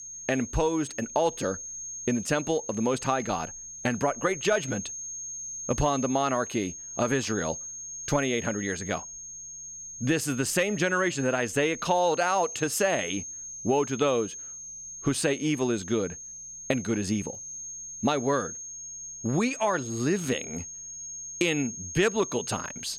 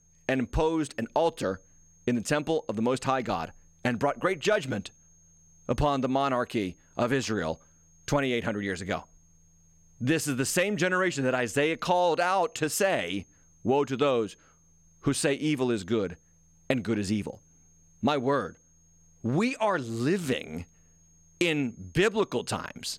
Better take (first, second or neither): second